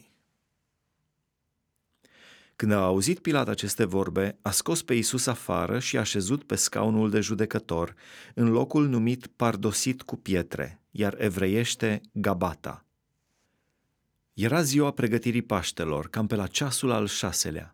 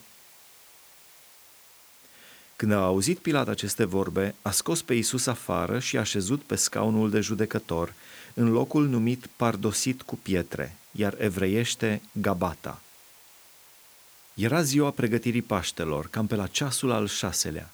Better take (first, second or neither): first